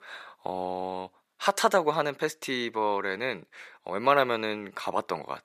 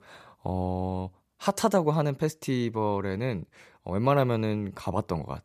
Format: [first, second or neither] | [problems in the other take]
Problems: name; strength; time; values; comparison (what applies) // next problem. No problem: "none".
second | thin; somewhat; fading below 350 Hz